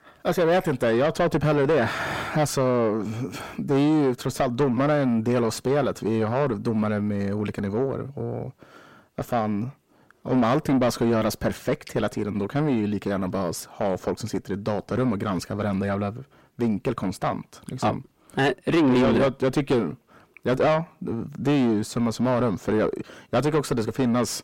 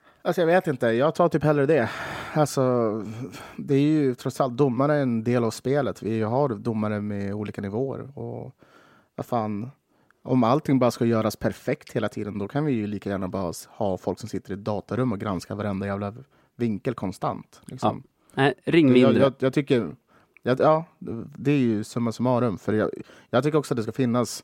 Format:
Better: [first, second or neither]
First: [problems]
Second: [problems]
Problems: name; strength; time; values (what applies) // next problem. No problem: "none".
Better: second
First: distortion; heavy; 6 dB below the speech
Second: none